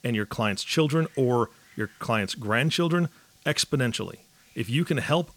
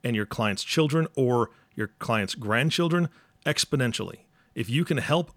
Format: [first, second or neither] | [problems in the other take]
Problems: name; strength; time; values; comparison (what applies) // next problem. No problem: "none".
second | hiss; faint; throughout; 30 dB below the speech